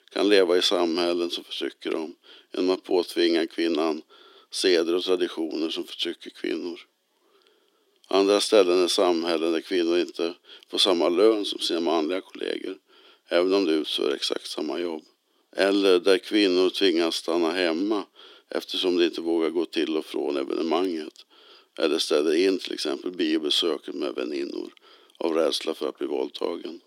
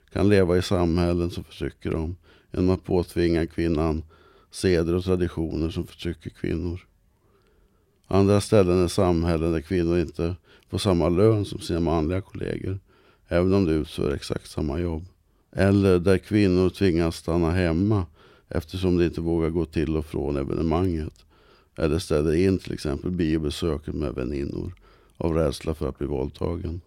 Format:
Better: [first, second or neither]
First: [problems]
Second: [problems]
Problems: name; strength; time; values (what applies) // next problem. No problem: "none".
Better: second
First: thin; somewhat; fading below 300 Hz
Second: none